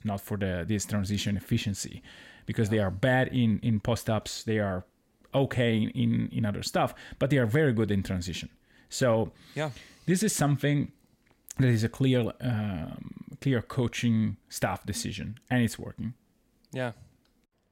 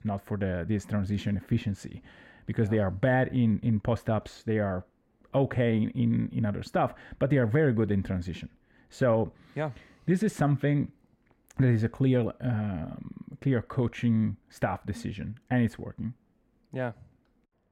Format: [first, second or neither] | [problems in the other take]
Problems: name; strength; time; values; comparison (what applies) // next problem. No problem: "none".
first | muffled; slightly; fading above 3 kHz